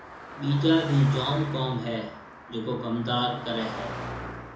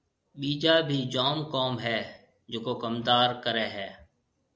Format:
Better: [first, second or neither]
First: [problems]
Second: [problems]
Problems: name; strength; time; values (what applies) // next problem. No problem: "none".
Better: second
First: background sound (Car passing by); 11 dB below the speech // room echo; dies away in 0.7 s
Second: none